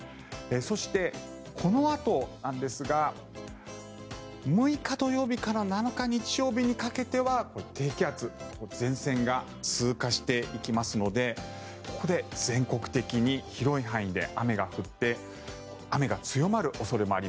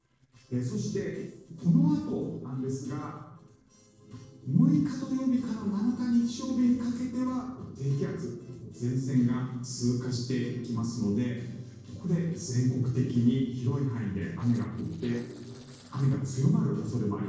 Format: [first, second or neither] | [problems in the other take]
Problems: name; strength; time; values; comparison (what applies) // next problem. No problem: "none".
first | noise reduction (neural separator model SepFormer DNS4)